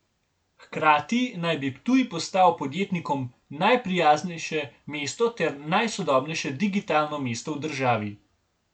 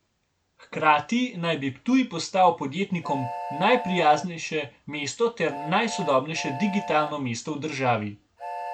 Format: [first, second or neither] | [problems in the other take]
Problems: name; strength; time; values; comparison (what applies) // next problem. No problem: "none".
first | background sound (Train); 13 dB below the speech